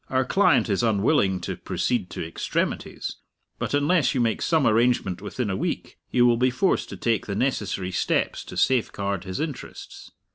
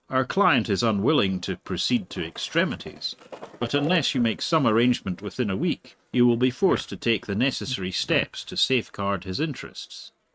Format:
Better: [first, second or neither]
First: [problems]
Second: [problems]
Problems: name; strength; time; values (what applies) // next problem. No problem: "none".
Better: first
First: none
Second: noise reduction (neural mask model RNNoise)